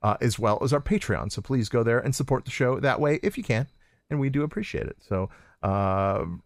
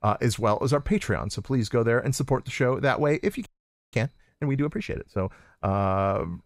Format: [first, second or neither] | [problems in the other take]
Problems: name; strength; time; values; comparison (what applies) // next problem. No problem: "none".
first | audio freezing; at 3.5 s